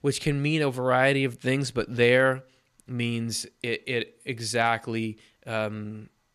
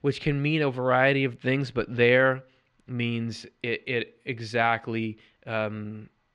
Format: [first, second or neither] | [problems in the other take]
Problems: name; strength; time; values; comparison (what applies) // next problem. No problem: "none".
first | muffled; slightly; fading above 3 kHz